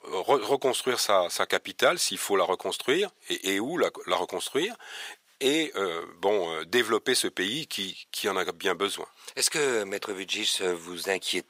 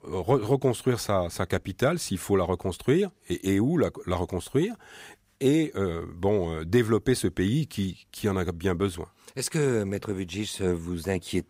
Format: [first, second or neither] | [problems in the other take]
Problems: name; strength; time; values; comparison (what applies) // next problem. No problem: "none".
second | thin; very; fading below 550 Hz